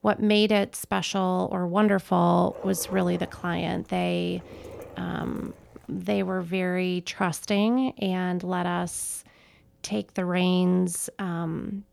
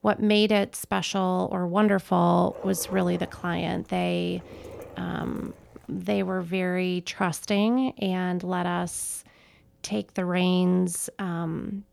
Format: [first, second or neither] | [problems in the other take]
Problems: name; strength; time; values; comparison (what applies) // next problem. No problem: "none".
neither | dog barking; faint; from 2.5 to 6 s; peak 10 dB below the speech; the same in both